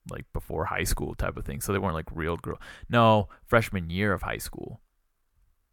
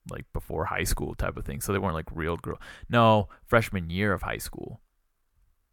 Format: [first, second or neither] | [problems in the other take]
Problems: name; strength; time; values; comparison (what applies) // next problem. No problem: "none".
neither | none